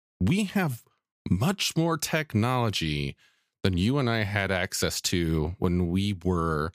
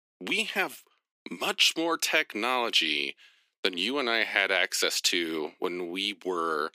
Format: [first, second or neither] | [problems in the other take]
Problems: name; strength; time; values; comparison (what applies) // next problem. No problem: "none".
first | thin; very; fading below 300 Hz